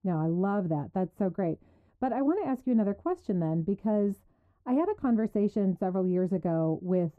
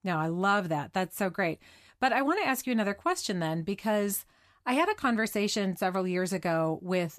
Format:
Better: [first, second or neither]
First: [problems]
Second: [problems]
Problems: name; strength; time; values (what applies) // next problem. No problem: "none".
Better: second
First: muffled; very; fading above 1.5 kHz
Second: none